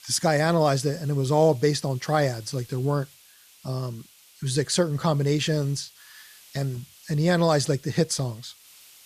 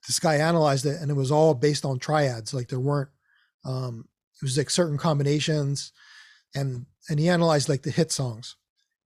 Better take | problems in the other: second | hiss; faint; throughout; 25 dB below the speech

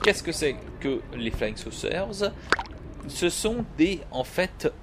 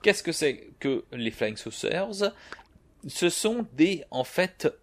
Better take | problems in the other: second | rain or running water; loud; throughout; 8 dB below the speech; faint in the second

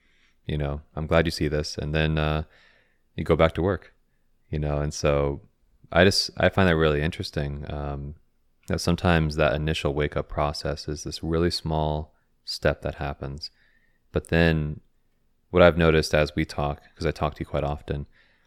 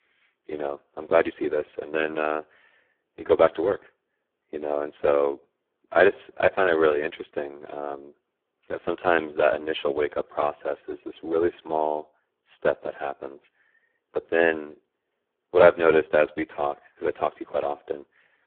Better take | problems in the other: first | phone-call audio; poor line

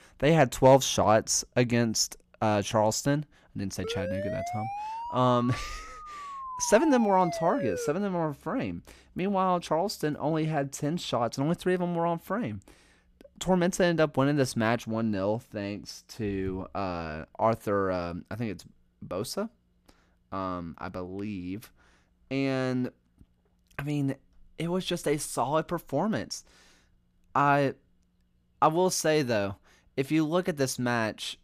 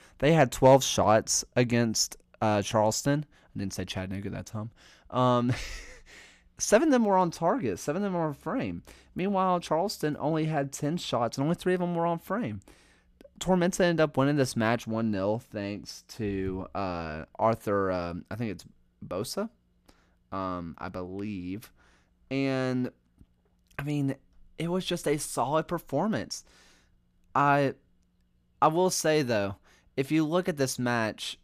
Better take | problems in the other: second | siren; noticeable; from 4 to 8 s; peak 6 dB below the speech

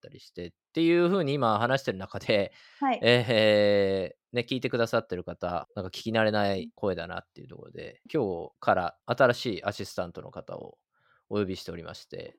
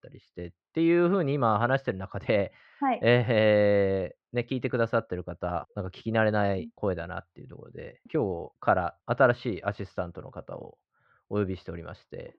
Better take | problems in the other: first | muffled; slightly; fading above 2 kHz

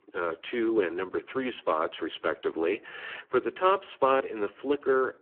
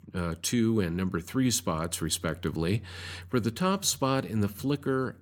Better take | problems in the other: second | phone-call audio; poor line

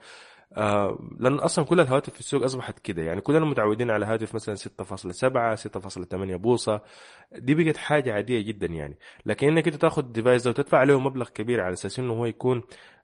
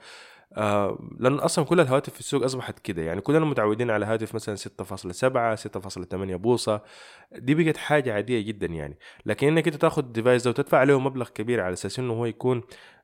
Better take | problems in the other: second | garbled, watery; slightly; nothing above 10 kHz

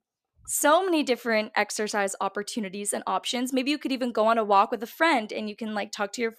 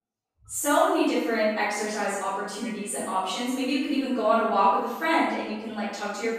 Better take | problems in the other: first | off-mic speech; far // room echo; strong; dies away in 1 s

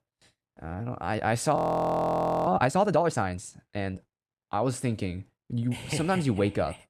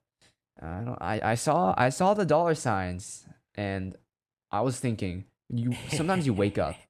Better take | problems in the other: second | audio freezing; at 1.5 s for 1 s

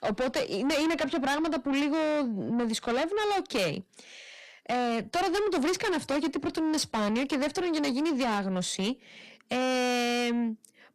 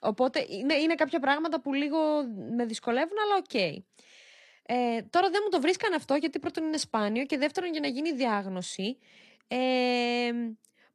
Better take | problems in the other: second | distortion; heavy; 6 dB below the speech

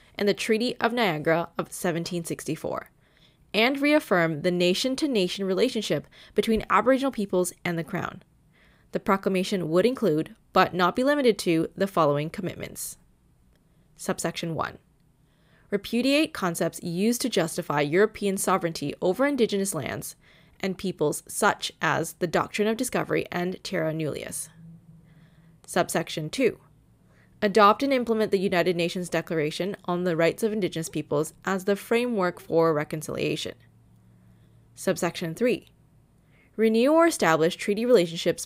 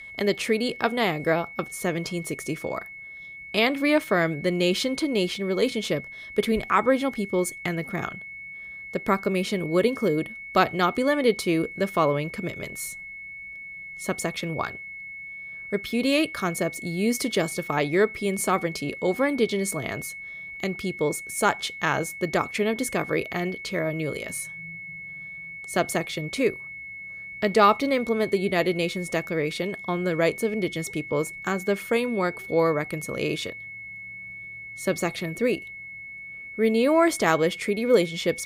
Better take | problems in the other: first | high-pitched whine; noticeable; throughout; 2 kHz, 10 dB below the speech

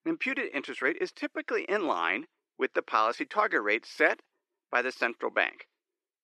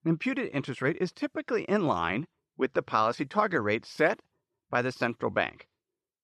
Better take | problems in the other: second | thin; somewhat; fading below 300 Hz

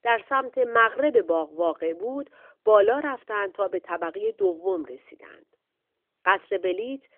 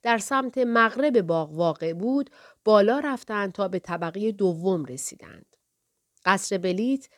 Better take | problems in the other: second | phone-call audio; nothing above 3 kHz

